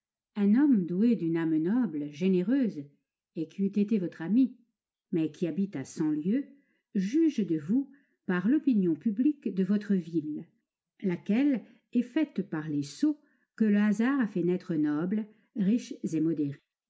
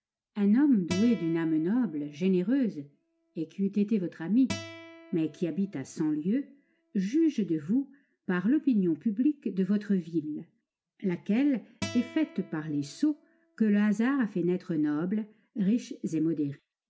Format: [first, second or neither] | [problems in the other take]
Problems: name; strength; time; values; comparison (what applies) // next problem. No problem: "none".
first | background sound (Acoustic guitar); 17 dB below the speech